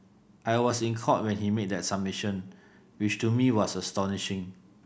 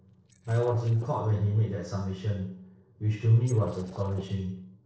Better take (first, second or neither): first